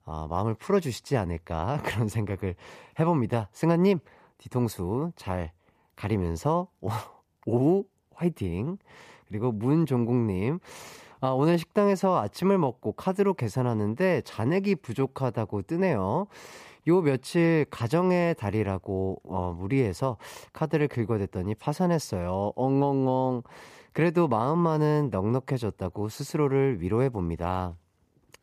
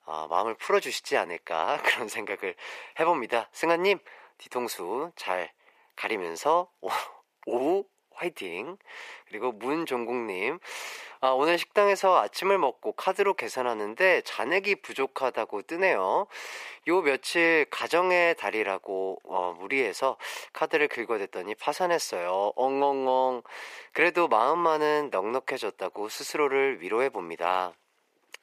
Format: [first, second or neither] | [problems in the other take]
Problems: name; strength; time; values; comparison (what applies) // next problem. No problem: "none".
first | thin; very; fading below 450 Hz